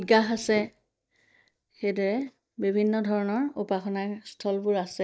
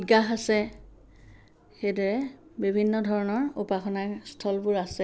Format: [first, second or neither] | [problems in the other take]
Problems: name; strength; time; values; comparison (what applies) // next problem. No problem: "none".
second | noise reduction (neural mask model DeepFilterNet 3)